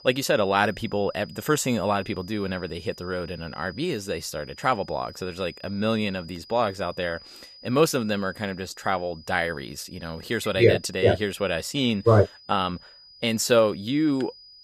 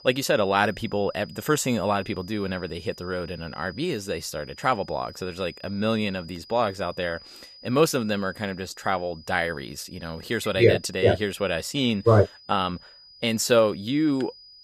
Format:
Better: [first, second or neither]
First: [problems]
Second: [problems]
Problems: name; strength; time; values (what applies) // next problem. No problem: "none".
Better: neither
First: high-pitched whine; faint; throughout; 5 kHz, 20 dB below the speech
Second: high-pitched whine; faint; throughout; 5 kHz, 20 dB below the speech